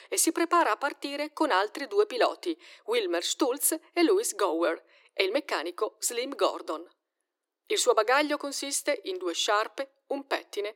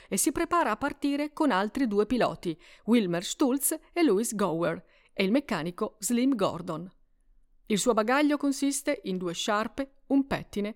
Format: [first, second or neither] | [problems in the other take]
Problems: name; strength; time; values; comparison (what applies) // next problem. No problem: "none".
second | thin; very; fading below 300 Hz